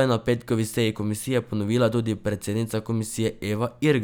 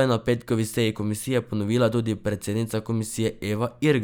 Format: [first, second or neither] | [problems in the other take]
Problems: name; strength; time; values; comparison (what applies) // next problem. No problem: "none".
first | noise reduction (neural mask model Resemble Enhance denoiser)